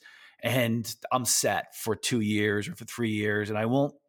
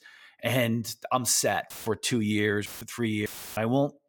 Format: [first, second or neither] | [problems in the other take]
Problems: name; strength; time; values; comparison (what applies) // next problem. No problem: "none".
first | audio cutting out; filled with static; at 1.5 s, at 2.5 s and at 3.5 s